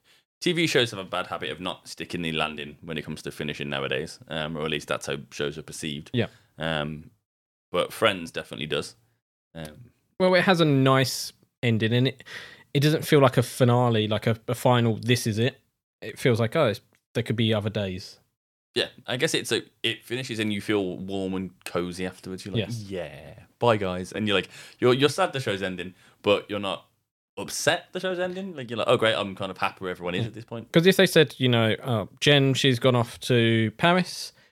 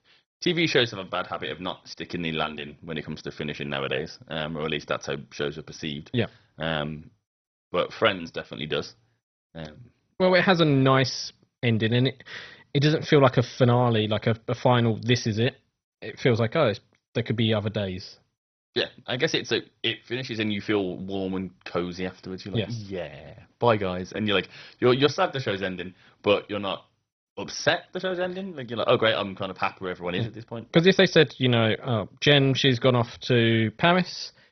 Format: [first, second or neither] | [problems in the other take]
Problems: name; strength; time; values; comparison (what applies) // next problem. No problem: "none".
first | garbled, watery; badly; nothing above 6 kHz